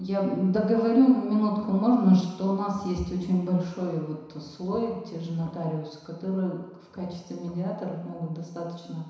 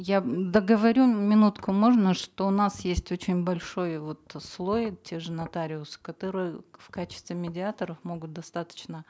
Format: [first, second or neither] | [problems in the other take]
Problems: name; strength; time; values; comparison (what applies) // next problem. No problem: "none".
second | room echo; dies away in 1 s